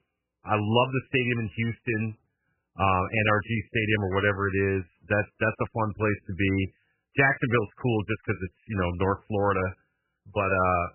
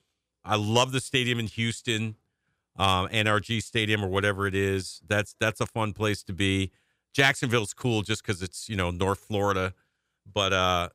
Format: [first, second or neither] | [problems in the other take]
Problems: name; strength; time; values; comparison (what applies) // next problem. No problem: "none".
second | garbled, watery; badly; nothing above 3 kHz